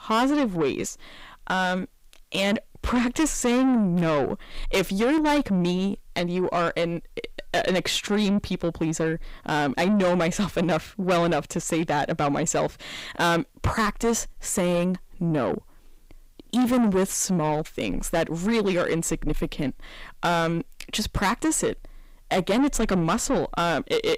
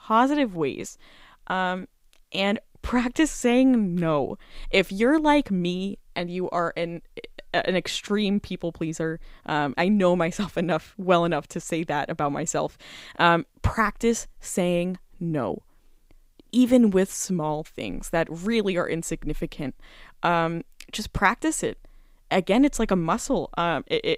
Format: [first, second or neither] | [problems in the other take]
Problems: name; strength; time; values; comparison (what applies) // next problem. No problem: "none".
second | distortion; heavy; 7 dB below the speech